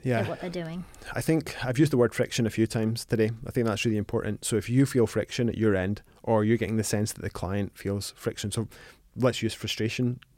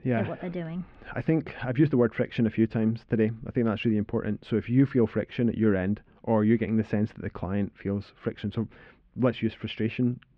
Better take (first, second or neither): first